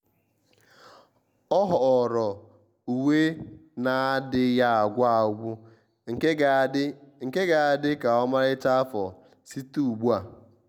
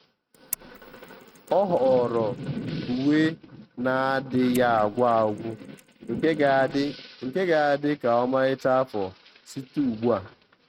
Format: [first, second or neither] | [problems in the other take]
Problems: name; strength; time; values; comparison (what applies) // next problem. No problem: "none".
first | noise reduction (neural mask model RNNoise)